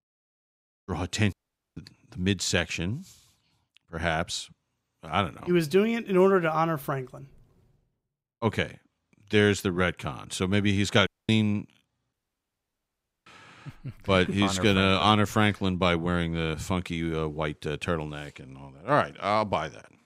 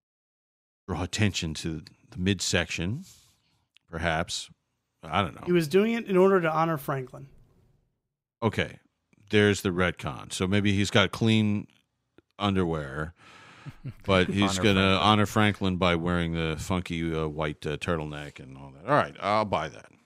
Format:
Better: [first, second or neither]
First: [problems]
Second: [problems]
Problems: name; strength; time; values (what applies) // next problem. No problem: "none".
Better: second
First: audio cutting out; at 1.5 s, at 11 s and at 12 s for 1 s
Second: none